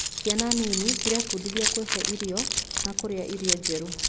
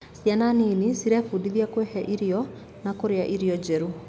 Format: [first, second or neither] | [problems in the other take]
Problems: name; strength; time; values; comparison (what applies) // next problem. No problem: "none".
second | background sound (Keys jangling); 2 dB above the speech